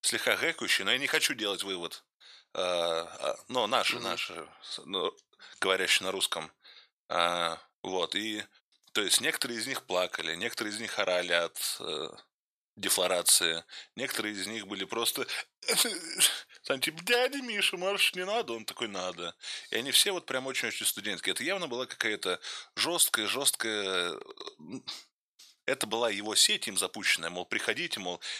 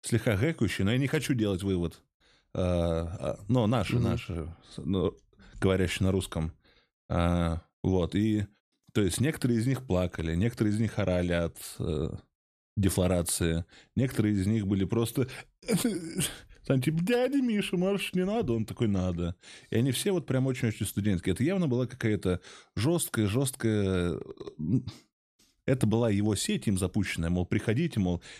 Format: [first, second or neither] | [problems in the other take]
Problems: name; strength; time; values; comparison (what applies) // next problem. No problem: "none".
second | thin; very; fading below 800 Hz